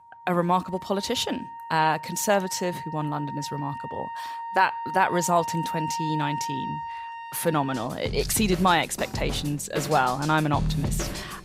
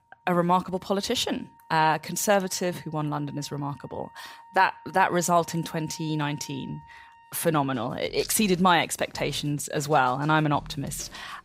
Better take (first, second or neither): second